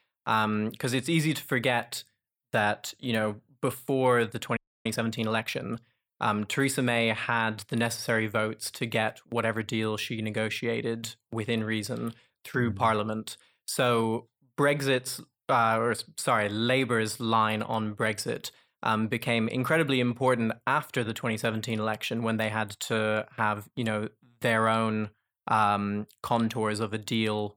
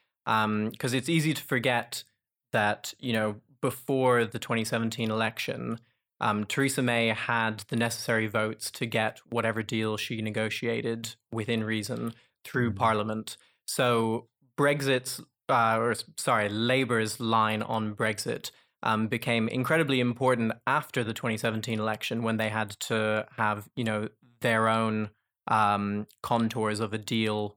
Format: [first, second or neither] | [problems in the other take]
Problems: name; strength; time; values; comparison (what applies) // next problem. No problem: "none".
second | audio freezing; at 4.5 s